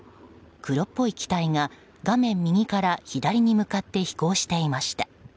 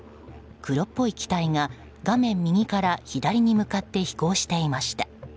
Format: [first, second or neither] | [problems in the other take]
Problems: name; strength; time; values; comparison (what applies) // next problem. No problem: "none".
first | background sound (Musical instrument); 19 dB below the speech